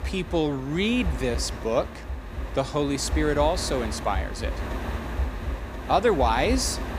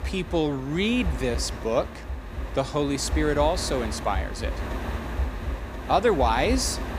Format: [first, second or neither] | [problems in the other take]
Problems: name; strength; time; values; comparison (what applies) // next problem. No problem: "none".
neither | wind noise on the microphone; occasional gusts; 10 dB below the speech; the same in both